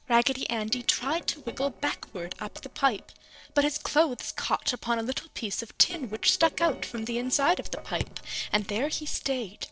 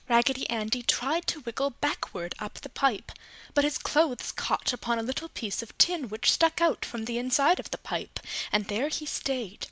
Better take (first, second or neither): second